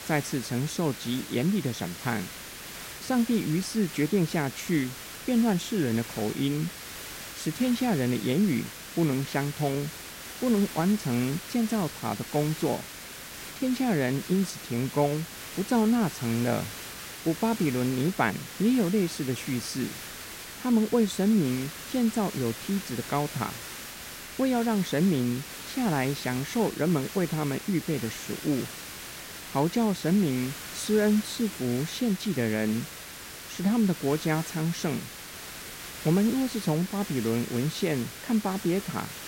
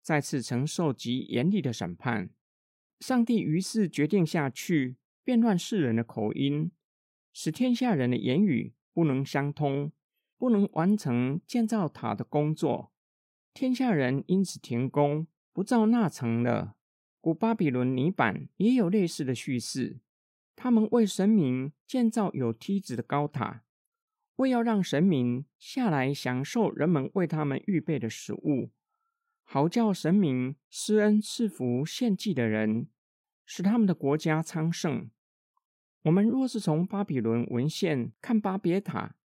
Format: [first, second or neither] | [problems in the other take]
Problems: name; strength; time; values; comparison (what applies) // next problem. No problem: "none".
second | hiss; noticeable; throughout; 10 dB below the speech